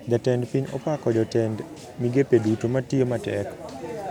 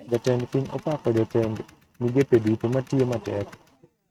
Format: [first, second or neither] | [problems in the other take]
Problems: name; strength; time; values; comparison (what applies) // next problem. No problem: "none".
first | noise reduction (neural mask model RNNoise)